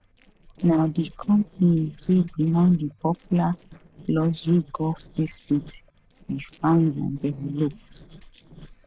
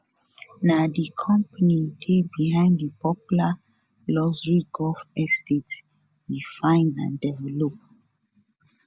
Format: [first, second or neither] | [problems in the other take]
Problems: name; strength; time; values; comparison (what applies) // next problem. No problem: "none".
second | noise reduction (neural separator model SepFormer DNS4)